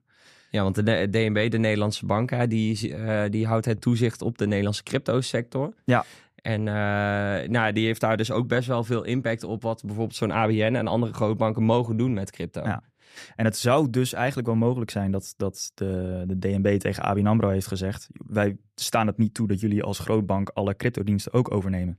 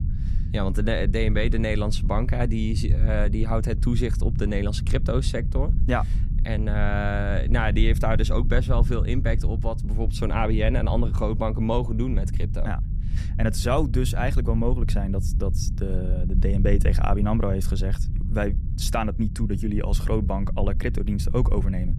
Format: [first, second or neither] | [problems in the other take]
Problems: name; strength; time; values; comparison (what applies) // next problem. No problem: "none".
first | low rumble; noticeable; throughout; 15 dB below the speech